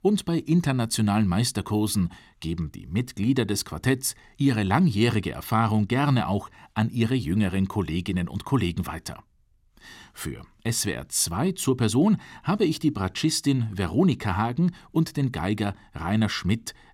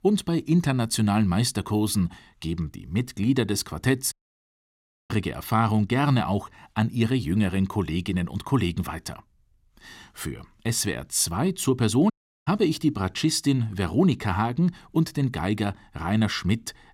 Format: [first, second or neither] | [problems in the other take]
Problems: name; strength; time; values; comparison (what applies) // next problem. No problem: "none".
first | audio cutting out; at 4 s for 1 s and at 12 s